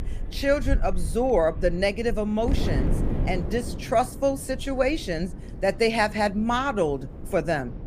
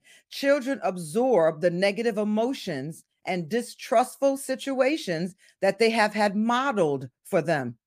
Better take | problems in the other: second | wind noise on the microphone; occasional gusts; 15 dB below the speech

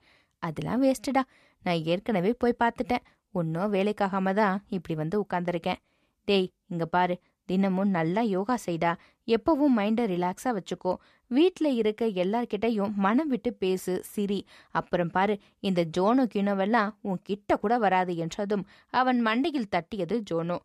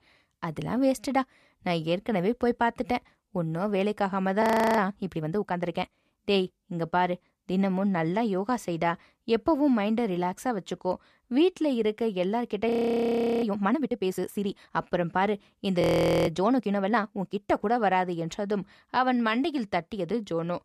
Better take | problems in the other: first | audio freezing; at 4.5 s, at 13 s for 0.5 s and at 16 s

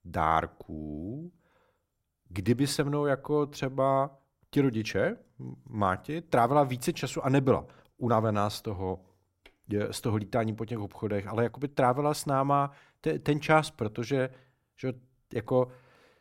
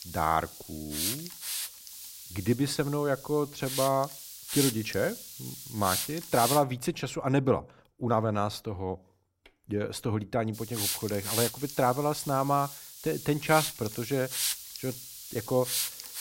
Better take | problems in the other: first | hiss; loud; until 6.5 s and from 11 s on; 4 dB below the speech

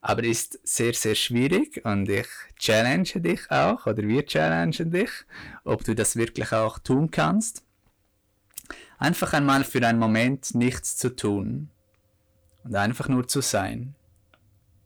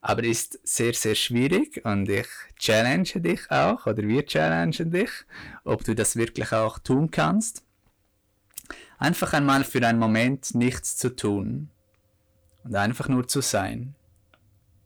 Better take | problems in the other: neither | distortion; slight; 10 dB below the speech; the same in both

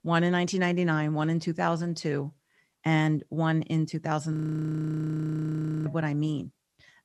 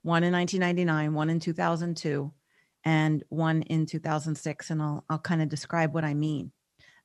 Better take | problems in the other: second | audio freezing; at 4.5 s for 1.5 s

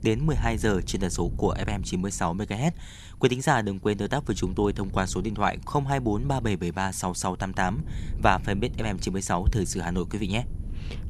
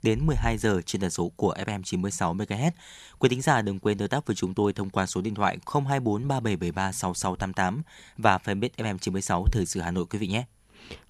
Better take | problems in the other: second | wind noise on the microphone; occasional gusts; 25 dB below the speech

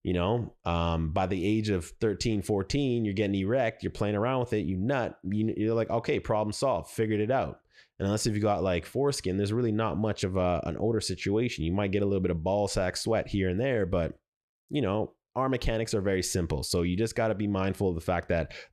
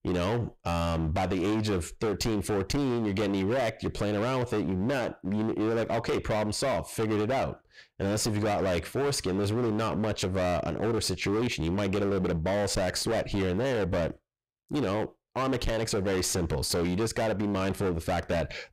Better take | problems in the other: first | distortion; heavy; 29% of the sound clipped

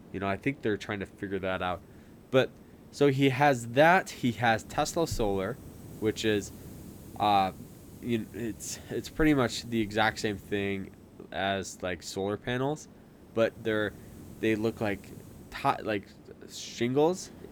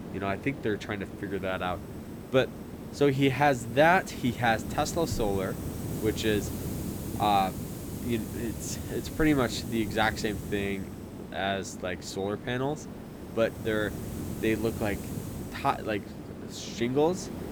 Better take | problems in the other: first | hiss; loud; throughout; 9 dB below the speech; faint in the first

